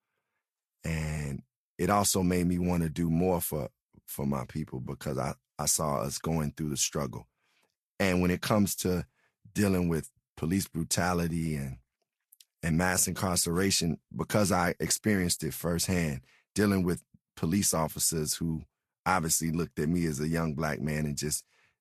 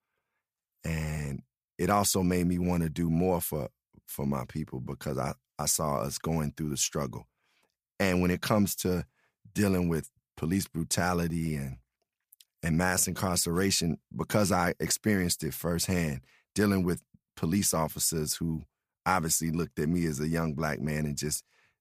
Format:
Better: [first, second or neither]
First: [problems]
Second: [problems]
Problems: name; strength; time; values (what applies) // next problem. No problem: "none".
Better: second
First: garbled, watery; slightly; nothing above 13 kHz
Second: none